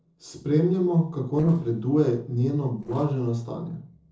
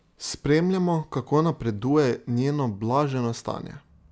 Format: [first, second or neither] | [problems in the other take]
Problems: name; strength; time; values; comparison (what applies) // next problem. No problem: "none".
second | noise reduction (neural separator model SepFormer DNS4)